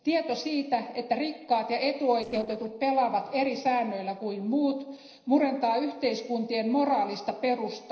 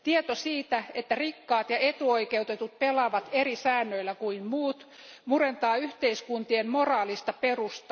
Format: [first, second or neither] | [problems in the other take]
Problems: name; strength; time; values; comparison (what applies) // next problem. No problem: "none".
second | noise reduction (neural separator model SepFormer DNS4)